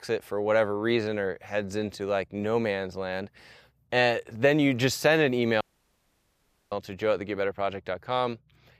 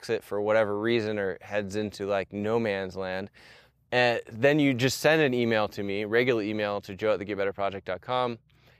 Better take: second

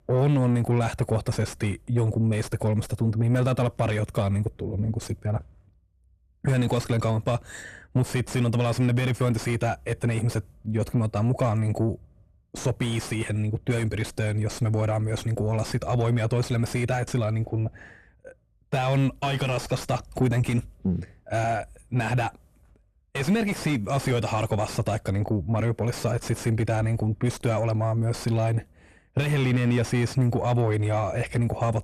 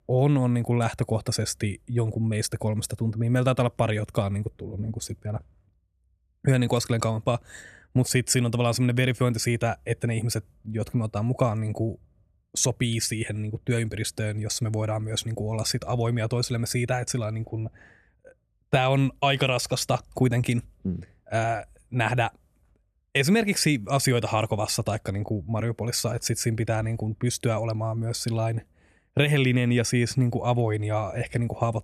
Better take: second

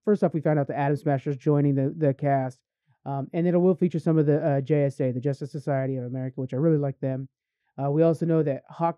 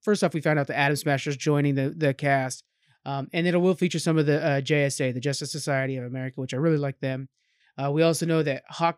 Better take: second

